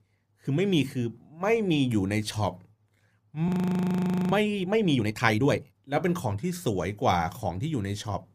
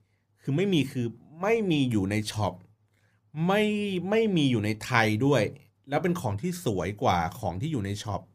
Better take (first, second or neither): second